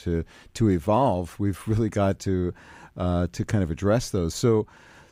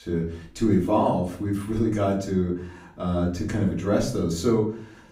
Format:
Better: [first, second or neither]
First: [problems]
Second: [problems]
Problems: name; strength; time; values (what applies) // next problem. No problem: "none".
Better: first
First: none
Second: room echo; slight; dies away in 0.4 s // off-mic speech; far